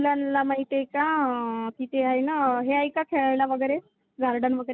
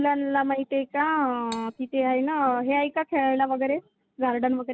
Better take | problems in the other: first | background sound (Cutlery, silverware); 19 dB below the speech

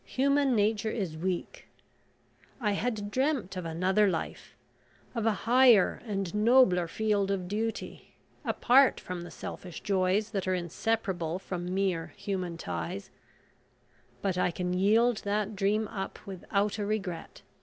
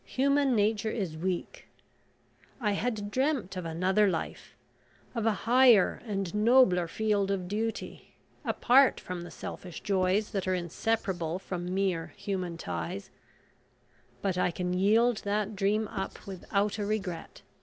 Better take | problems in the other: first | background sound (Writing); 19 dB below the speech

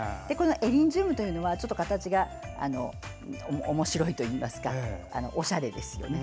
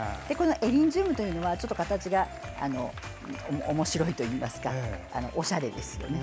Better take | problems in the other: first | background sound (Applause / Crowd); 19 dB below the speech

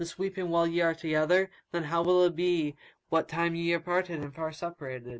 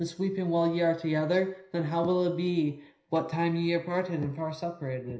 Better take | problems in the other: first | room echo; dies away in 0.5 s

